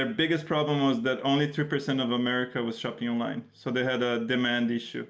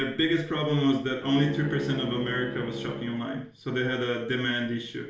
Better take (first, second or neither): first